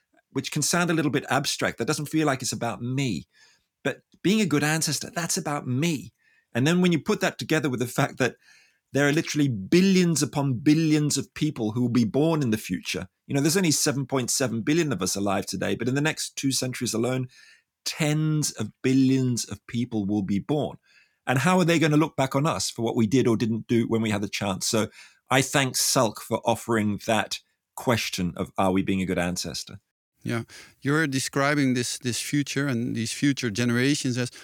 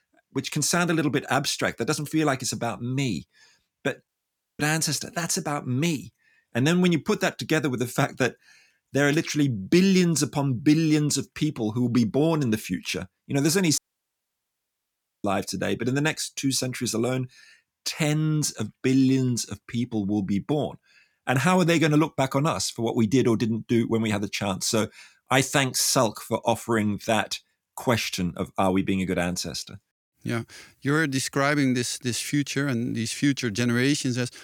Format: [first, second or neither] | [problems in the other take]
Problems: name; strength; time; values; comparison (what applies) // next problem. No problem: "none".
first | audio cutting out; at 4 s for 0.5 s and at 14 s for 1.5 s